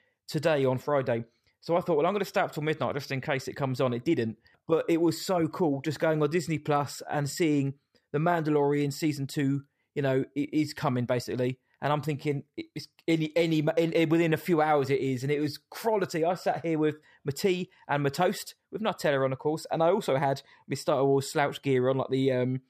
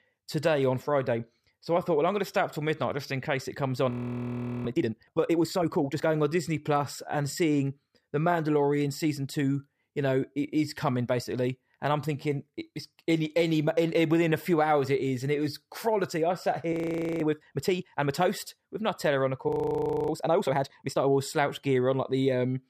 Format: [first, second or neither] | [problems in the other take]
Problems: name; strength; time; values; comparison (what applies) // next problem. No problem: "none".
first | audio freezing; at 4 s for 1 s, at 17 s and at 19 s for 0.5 s